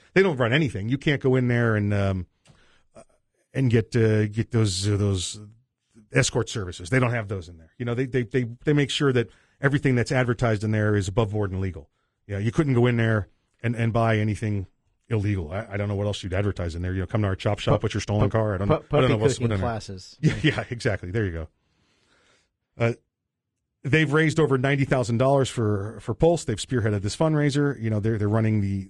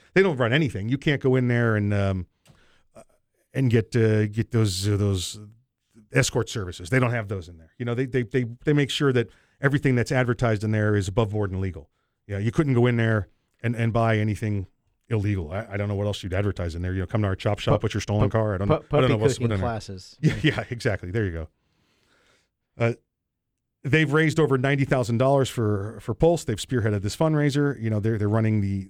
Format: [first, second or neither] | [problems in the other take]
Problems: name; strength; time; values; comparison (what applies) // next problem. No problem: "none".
second | garbled, watery; slightly